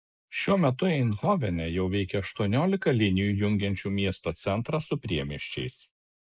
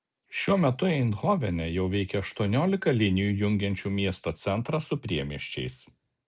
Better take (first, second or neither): second